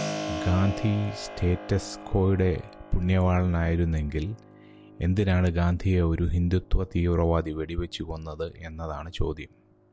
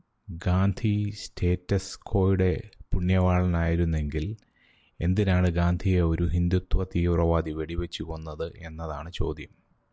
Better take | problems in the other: second | background sound (Keyboard (musical)); 15 dB below the speech

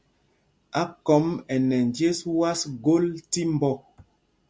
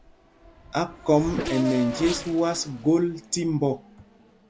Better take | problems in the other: first | background sound (Race car, auto racing / Accelerating, revving, vroom); 11 dB below the speech

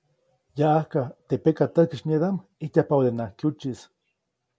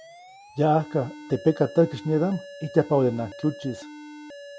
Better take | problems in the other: first | background sound (Alarm); 17 dB below the speech

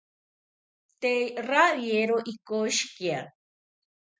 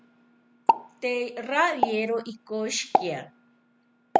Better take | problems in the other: first | background sound (Explosion); 1 dB above the speech

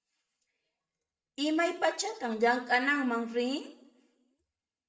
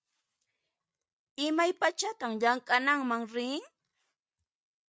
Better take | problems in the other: second | room echo; dies away in 0.7 s

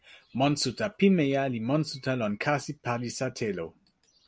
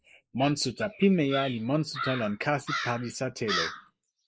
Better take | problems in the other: first | noise reduction (neural mask model Resemble Enhance denoiser)

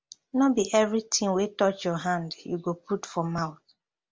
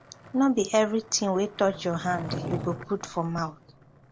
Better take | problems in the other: first | background sound (Skateboard); 12 dB below the speech

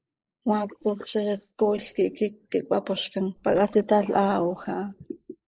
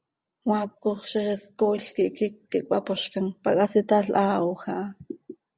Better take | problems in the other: second | noise reduction (neural mask model Resemble Enhance denoiser)

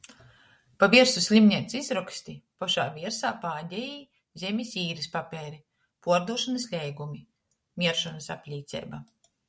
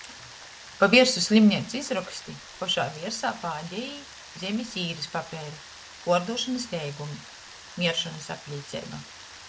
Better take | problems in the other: first | background sound (Rain); 17 dB below the speech

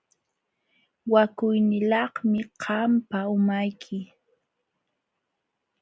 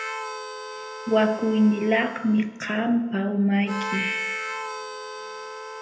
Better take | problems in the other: first | background sound (Harmonica); 9 dB below the speech // room echo; dies away in 0.7 s

